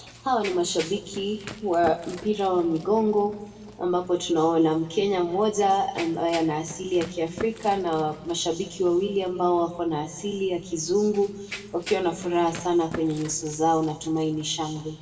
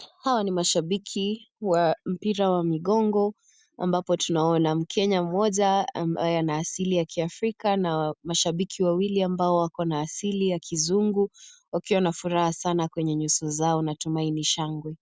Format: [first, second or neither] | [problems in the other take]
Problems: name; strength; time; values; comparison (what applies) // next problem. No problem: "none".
second | background sound (Run); 18 dB below the speech // room echo; dies away in 1.2 s